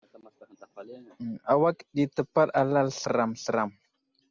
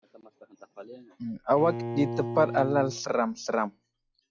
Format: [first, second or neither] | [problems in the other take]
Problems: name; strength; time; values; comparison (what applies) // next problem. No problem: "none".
first | noise reduction (classical method log-MMSE)